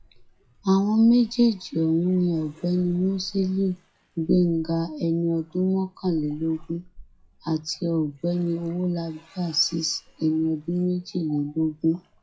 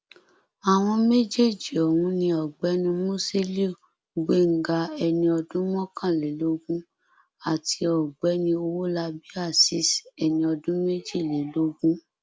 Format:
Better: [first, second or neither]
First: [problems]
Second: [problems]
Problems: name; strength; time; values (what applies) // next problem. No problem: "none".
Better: second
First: noise reduction (classical method WPE with log-MMSE)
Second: none